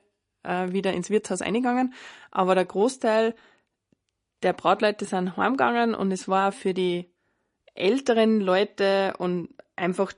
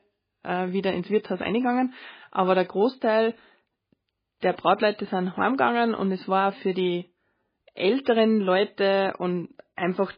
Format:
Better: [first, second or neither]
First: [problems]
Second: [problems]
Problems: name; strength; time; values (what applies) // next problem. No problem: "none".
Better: first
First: garbled, watery; slightly; nothing above 10.5 kHz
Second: garbled, watery; badly; nothing above 4 kHz